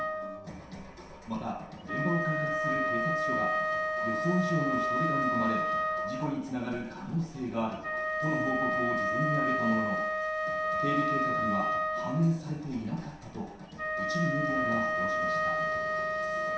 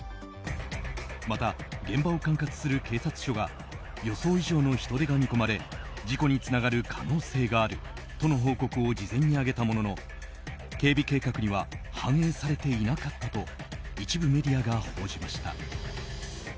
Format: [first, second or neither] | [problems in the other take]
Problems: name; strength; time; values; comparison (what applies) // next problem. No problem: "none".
second | background sound (Wind instrument, woodwind instrument); 3 dB above the speech // room echo; dies away in 0.7 s